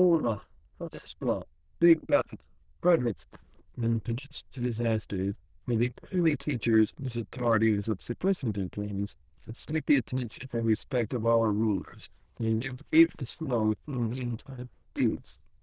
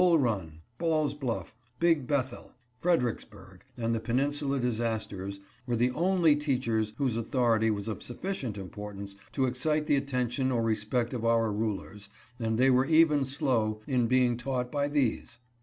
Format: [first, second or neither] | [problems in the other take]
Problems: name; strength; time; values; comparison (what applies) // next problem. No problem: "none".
second | noise reduction (neural diffusion model UNIVERSE++)